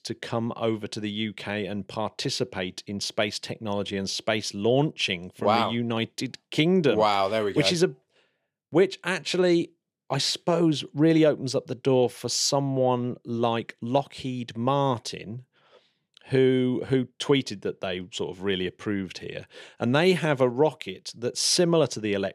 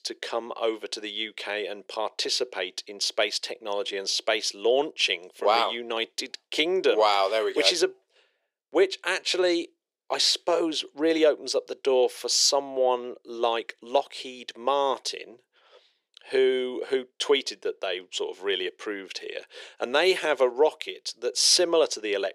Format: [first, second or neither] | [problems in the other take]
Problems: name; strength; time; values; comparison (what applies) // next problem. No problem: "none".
first | thin; very; fading below 400 Hz